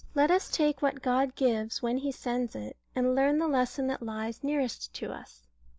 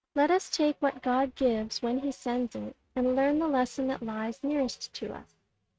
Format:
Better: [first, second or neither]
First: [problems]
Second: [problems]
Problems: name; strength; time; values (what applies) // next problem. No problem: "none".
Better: first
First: none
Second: noise reduction (neural mask model RNNoise)